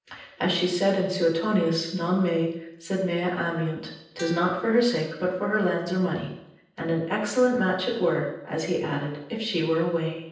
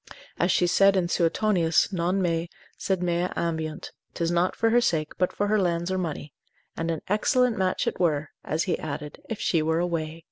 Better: second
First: noise reduction (neural separator model SepFormer DNS4)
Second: none

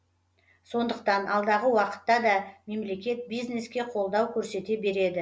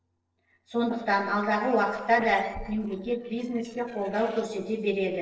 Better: first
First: none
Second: noise reduction (neural separator model SepFormer DNS4)

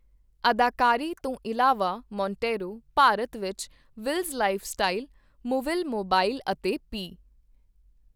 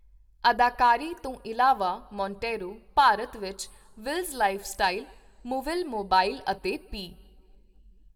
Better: first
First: none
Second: room echo; dies away in 0.9 s

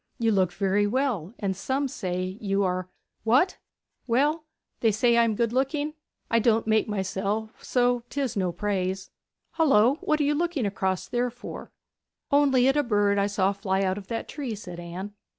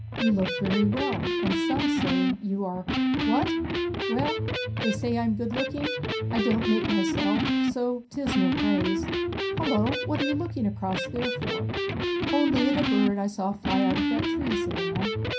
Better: first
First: none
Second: background sound (Electric guitar); 1 dB above the speech // room echo; dies away in 0.3 s

